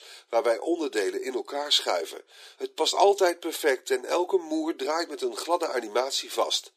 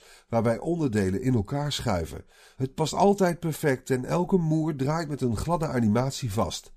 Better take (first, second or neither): second